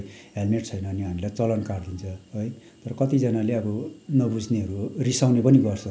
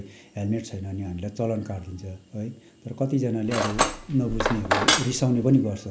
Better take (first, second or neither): first